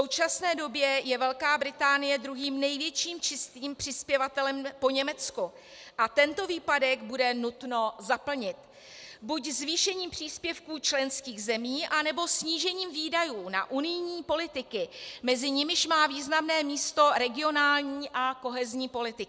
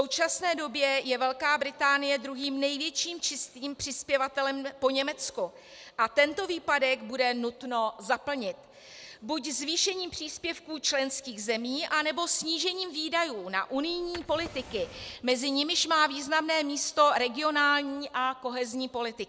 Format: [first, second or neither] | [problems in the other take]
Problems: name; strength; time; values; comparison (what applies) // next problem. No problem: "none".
first | background sound (Drawer open or close); 17 dB below the speech